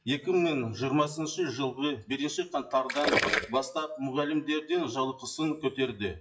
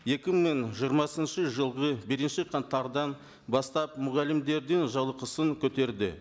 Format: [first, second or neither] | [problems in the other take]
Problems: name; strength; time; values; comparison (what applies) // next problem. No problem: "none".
second | noise reduction (classical method WPE with log-MMSE)